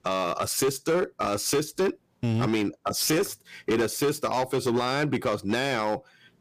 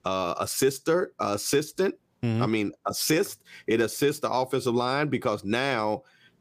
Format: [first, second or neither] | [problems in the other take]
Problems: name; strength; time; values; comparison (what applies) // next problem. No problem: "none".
second | distortion; slight; 11% of the sound clipped